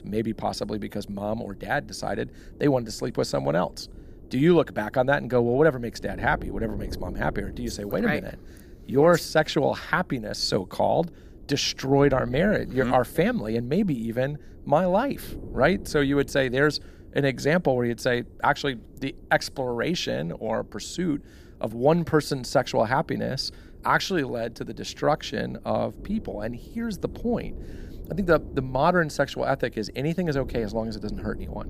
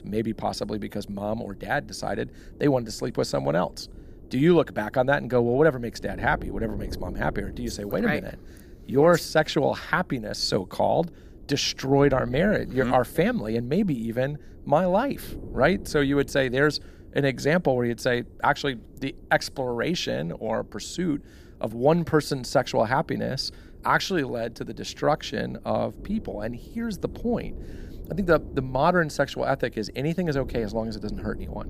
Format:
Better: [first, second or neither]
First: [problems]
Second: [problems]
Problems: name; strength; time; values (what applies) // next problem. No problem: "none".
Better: neither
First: wind noise on the microphone; occasional gusts; 25 dB below the speech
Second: wind noise on the microphone; occasional gusts; 25 dB below the speech